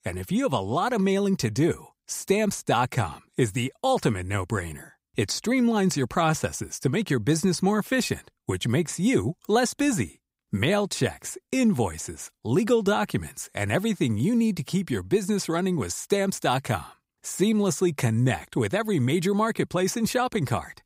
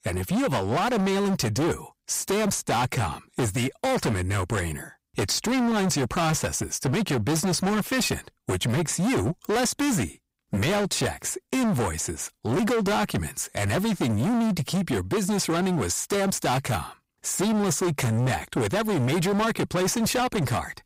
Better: first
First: none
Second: distortion; heavy; 29% of the sound clipped

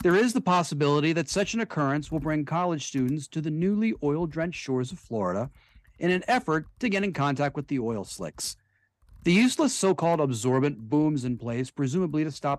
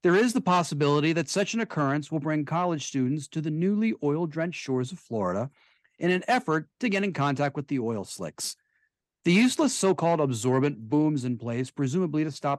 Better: second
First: household noises; faint; throughout; 30 dB below the speech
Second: none

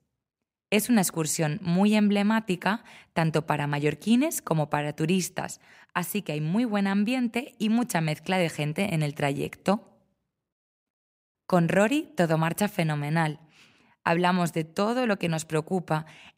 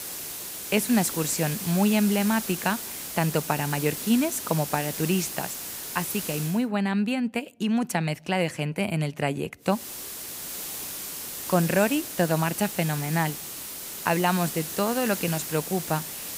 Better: first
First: none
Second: hiss; loud; until 6.5 s and from 10 s on; 6 dB below the speech

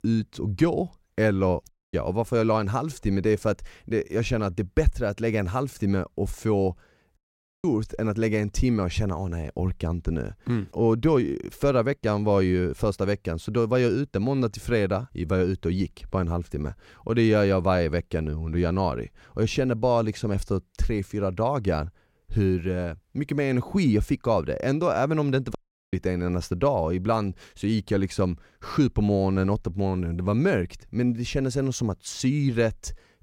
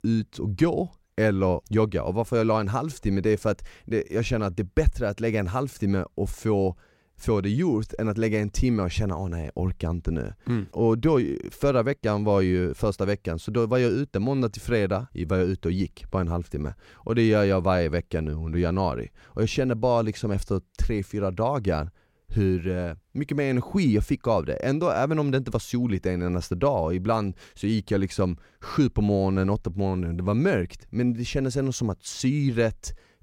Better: second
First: audio cutting out; at 1.5 s, at 7 s and at 26 s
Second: none

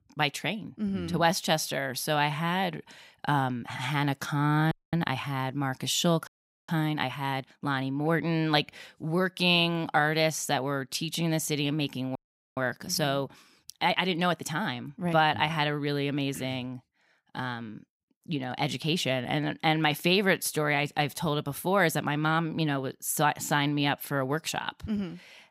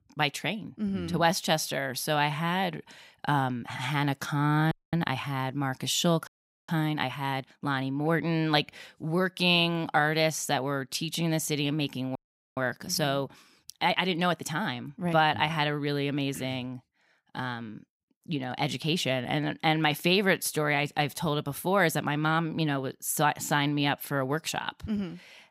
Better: neither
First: audio freezing; at 4.5 s, at 6.5 s and at 12 s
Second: audio freezing; at 4.5 s, at 6.5 s and at 12 s

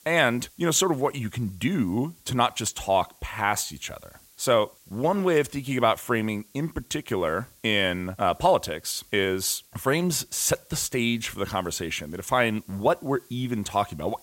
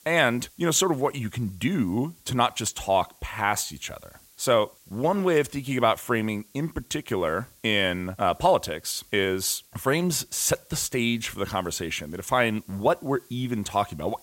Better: neither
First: hiss; faint; throughout; 25 dB below the speech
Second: hiss; faint; throughout; 25 dB below the speech

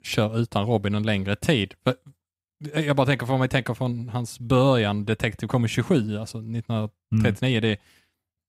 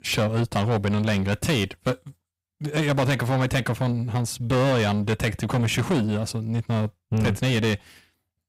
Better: first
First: none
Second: distortion; heavy; 7 dB below the speech

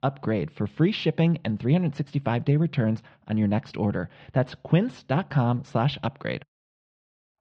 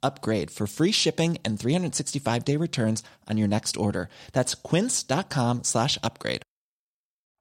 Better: second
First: muffled; very; fading above 3 kHz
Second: none

